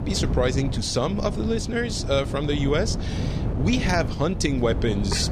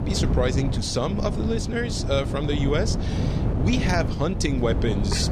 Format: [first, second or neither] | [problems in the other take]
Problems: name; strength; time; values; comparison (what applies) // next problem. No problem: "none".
first | wind noise on the microphone; heavy; 7 dB below the speech; occasional gusts in the first